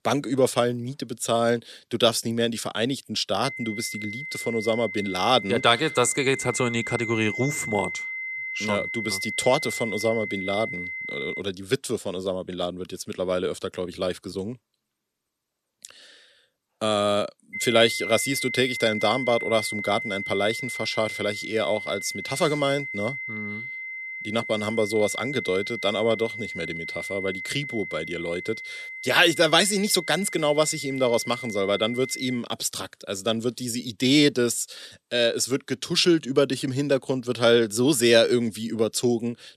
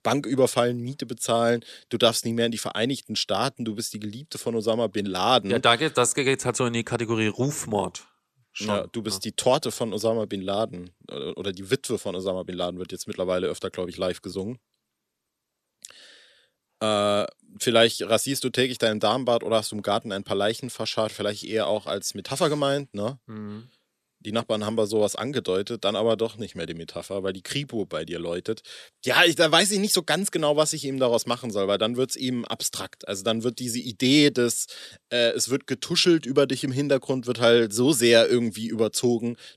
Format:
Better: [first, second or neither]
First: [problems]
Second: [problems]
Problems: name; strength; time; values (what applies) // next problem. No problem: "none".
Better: second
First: high-pitched whine; loud; from 3.5 to 11 s and from 18 to 32 s; 2 kHz, 7 dB below the speech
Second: none